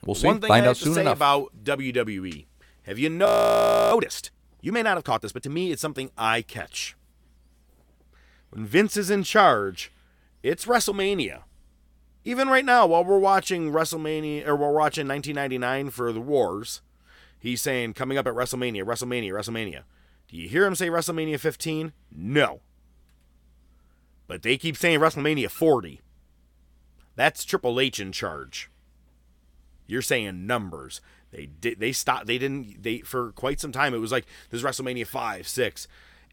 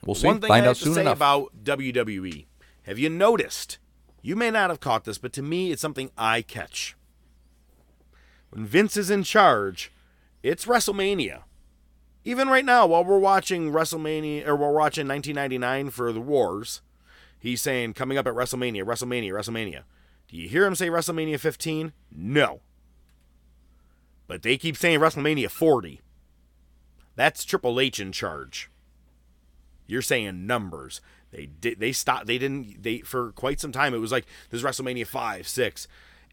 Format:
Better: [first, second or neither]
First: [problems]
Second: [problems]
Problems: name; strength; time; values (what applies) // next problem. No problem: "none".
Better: second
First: audio freezing; at 3.5 s for 0.5 s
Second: none